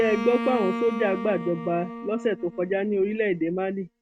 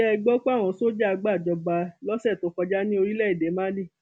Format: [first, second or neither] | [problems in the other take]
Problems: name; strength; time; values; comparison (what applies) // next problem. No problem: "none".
second | noise reduction (neural mask model RNNoise)